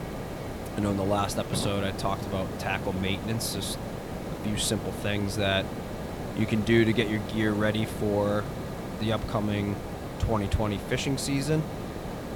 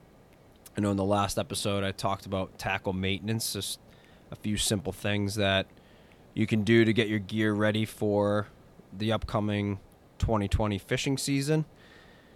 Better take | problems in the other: second | hiss; loud; throughout; 7 dB below the speech; faint in the second

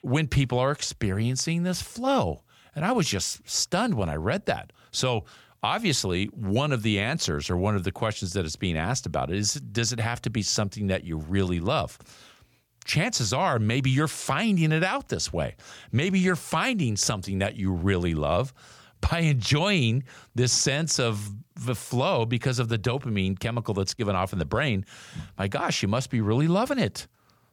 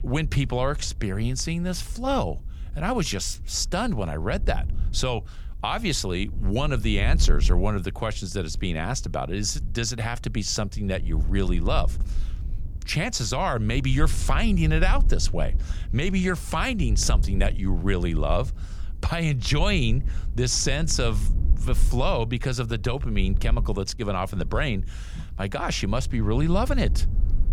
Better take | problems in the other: first | wind noise on the microphone; occasional gusts; 20 dB below the speech

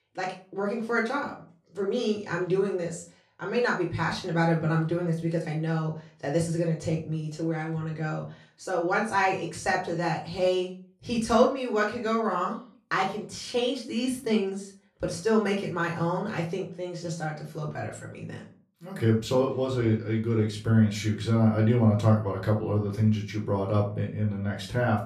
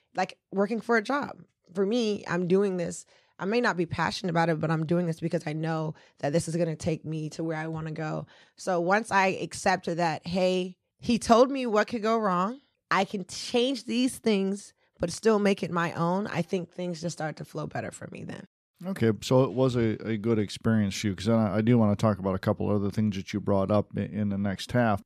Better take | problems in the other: second | off-mic speech; far // room echo; slight; dies away in 0.3 s

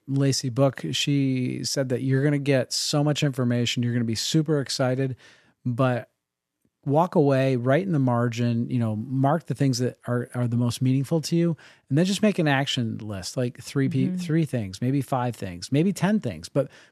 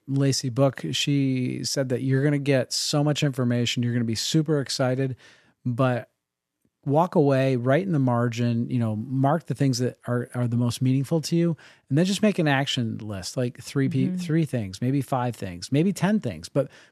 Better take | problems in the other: neither | none

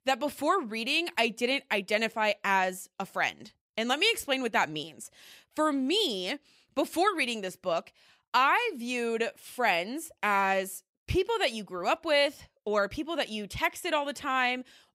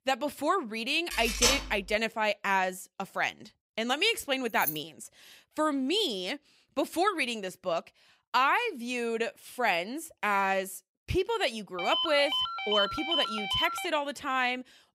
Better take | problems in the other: first | clattering dishes; loud; at 1 s; peak 5 dB above the speech // jangling keys; noticeable; at 4.5 s; peak 4 dB below the speech // phone ringing; loud; from 12 to 14 s; peak 1 dB above the speech

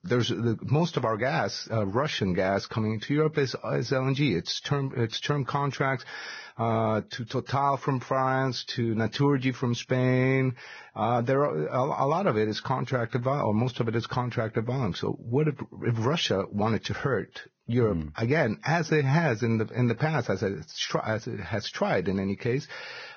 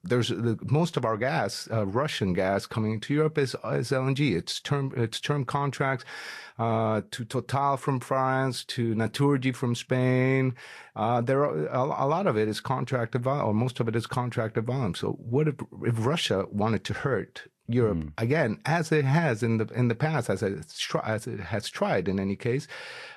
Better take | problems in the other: second | garbled, watery; badly; nothing above 6.5 kHz; slightly in the second

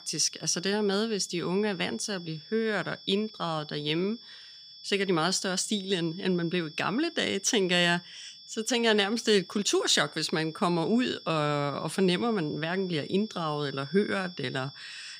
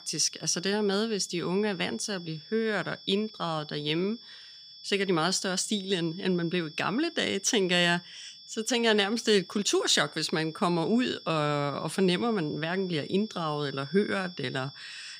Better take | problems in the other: neither | high-pitched whine; noticeable; throughout; 5.5 kHz, 20 dB below the speech; the same in both

